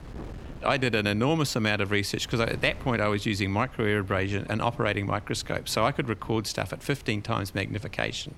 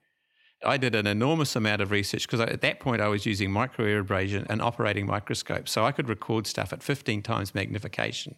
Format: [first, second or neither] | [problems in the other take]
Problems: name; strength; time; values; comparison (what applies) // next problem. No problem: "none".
second | wind noise on the microphone; occasional gusts; 25 dB below the speech